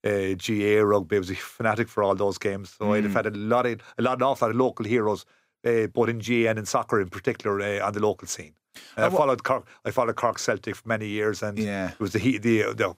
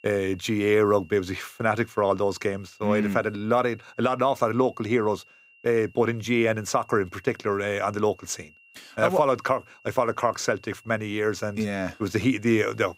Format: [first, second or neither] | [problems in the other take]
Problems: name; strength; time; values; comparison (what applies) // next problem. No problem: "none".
first | high-pitched whine; faint; throughout; 2.5 kHz, 30 dB below the speech